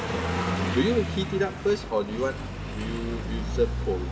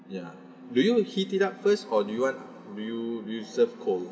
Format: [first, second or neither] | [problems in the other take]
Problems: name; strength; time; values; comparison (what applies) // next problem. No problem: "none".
second | background sound (Car passing by); 2 dB below the speech